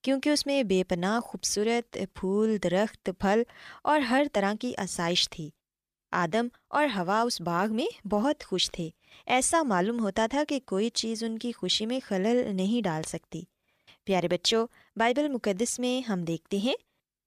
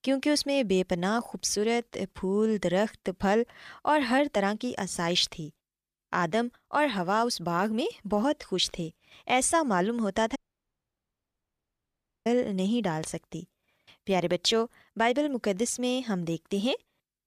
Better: first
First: none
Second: audio cutting out; at 10 s for 2 s

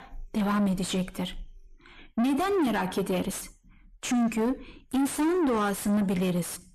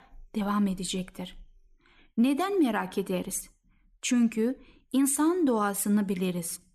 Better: second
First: distortion; heavy; 6 dB below the speech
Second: none

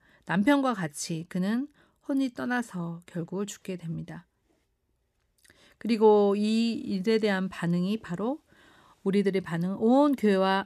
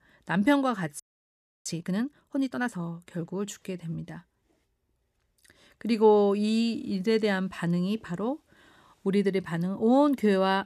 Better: first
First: none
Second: audio freezing; at 1 s for 0.5 s

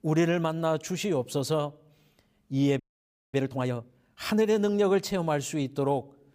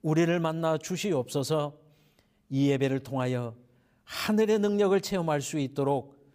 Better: second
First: audio freezing; at 3 s for 0.5 s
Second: none

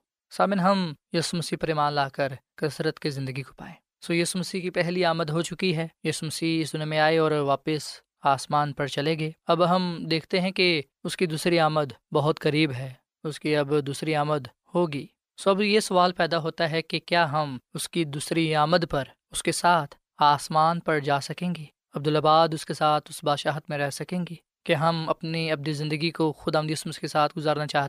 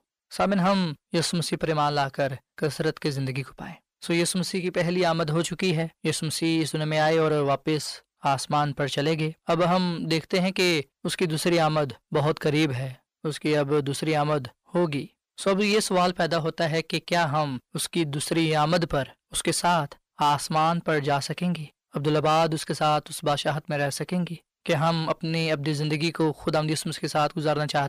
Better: first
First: none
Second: distortion; slight; 10 dB below the speech

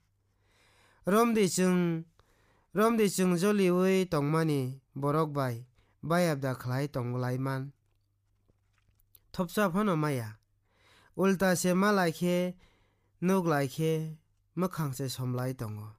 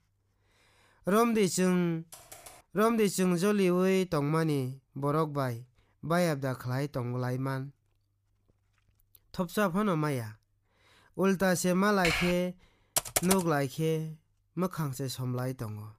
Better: first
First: none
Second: keyboard typing; faint; at 2 s; peak 20 dB below the speech // keyboard typing; noticeable; at 12 s; peak level with the speech // keyboard typing; loud; at 13 s; peak 1 dB above the speech

